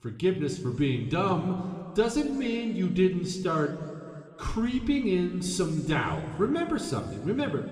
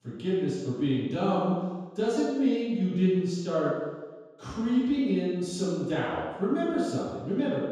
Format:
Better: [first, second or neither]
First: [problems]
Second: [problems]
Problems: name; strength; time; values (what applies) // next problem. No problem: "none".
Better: first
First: room echo; slight; dies away in 2.1 s // off-mic speech; somewhat distant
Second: room echo; strong; dies away in 1.2 s // off-mic speech; far